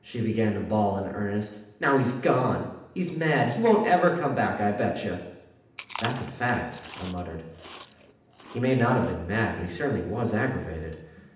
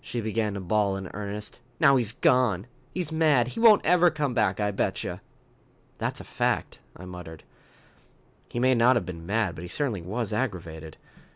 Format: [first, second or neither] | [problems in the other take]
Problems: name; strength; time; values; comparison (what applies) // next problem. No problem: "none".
second | background sound (Chewing, mastication); 17 dB below the speech // room echo; dies away in 0.8 s